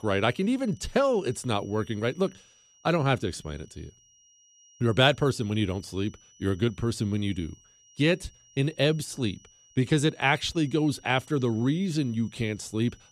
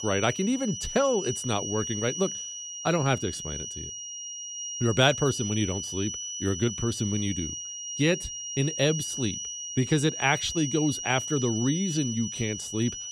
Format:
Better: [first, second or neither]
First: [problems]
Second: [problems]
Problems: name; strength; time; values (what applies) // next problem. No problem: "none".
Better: first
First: high-pitched whine; faint; throughout; 5.5 kHz, 30 dB below the speech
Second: high-pitched whine; loud; throughout; 5.5 kHz, 5 dB below the speech